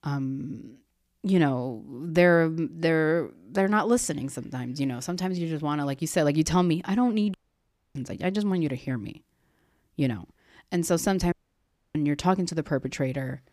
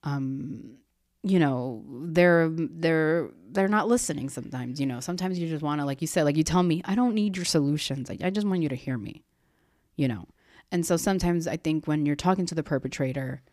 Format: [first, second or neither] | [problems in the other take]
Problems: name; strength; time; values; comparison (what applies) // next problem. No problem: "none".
second | audio cutting out; at 7.5 s for 0.5 s and at 11 s for 0.5 s